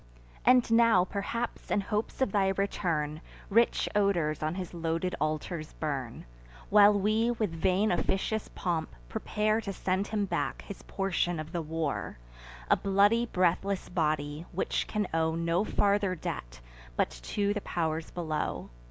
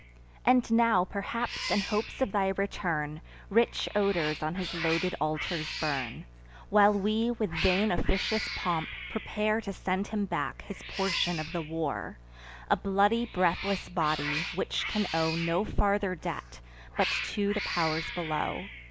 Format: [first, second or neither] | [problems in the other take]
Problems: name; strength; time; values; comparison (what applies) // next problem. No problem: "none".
first | background sound (Cat); 10 dB below the speech